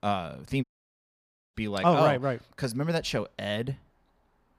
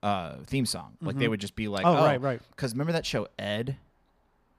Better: second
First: audio cutting out; at 0.5 s for 1 s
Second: none

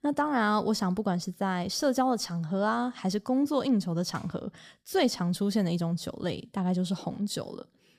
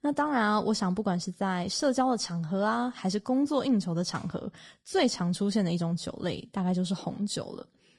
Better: first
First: none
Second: garbled, watery; slightly; nothing above 10.5 kHz

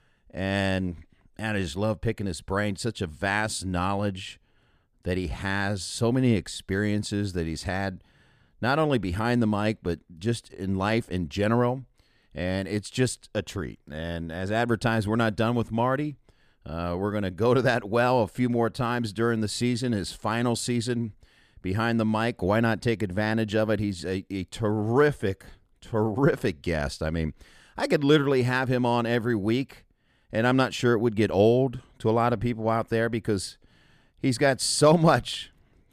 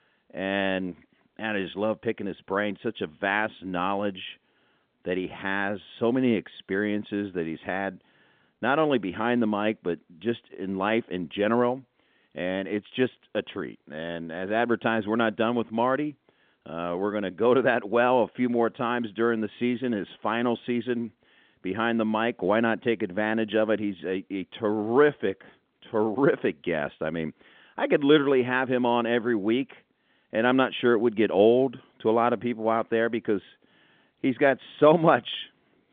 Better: first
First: none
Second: phone-call audio; nothing above 3.5 kHz

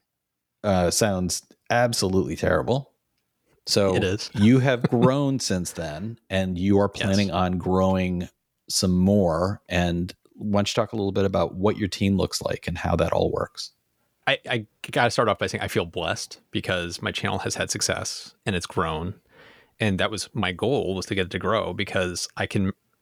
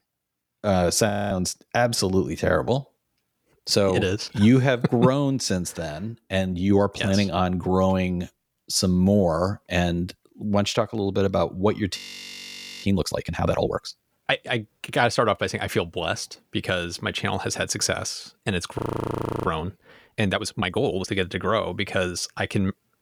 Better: first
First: none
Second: audio freezing; at 1 s, at 12 s for 1 s and at 19 s for 0.5 s

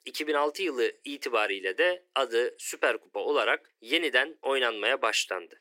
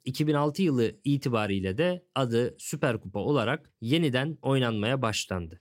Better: second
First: thin; very; fading below 350 Hz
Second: none

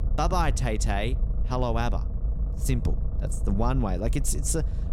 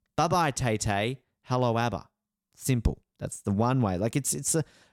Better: second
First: low rumble; noticeable; throughout; 15 dB below the speech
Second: none

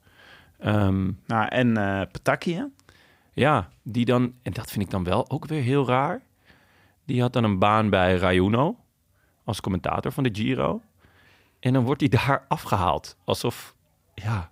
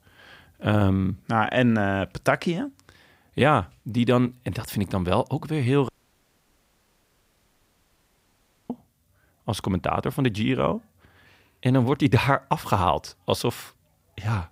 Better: first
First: none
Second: audio cutting out; at 6 s for 3 s

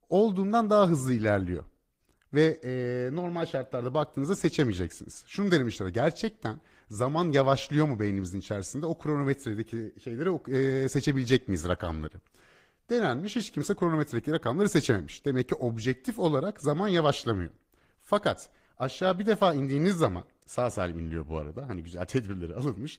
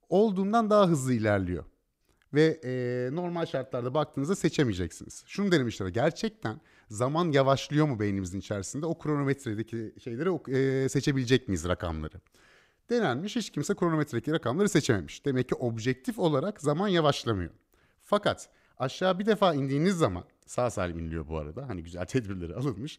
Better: second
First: garbled, watery; slightly; nothing above 15.5 kHz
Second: none

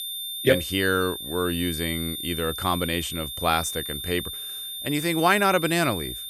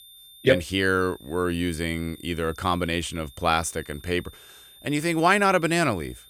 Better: second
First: high-pitched whine; loud; throughout; 3.5 kHz, 6 dB below the speech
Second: high-pitched whine; faint; throughout; 3.5 kHz, 25 dB below the speech

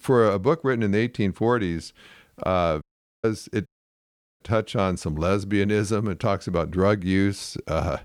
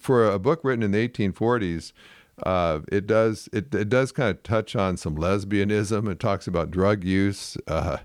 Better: second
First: audio cutting out; at 3 s and at 3.5 s for 0.5 s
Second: none

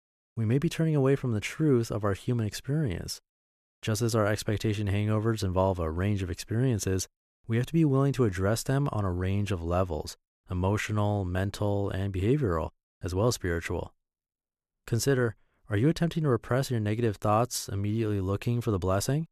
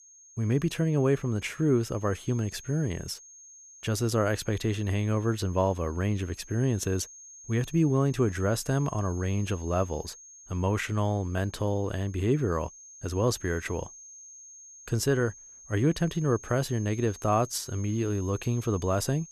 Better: first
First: none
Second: high-pitched whine; noticeable; throughout; 6.5 kHz, 20 dB below the speech

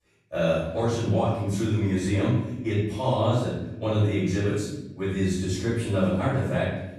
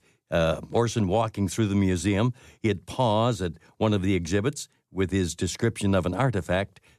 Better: second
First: off-mic speech; far // room echo; strong; dies away in 0.9 s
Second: none

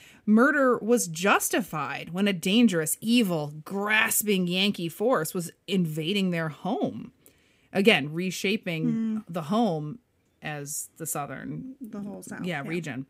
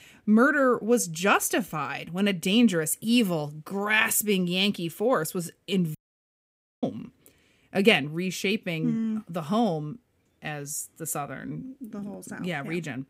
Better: first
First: none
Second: audio cutting out; at 6 s for 1 s

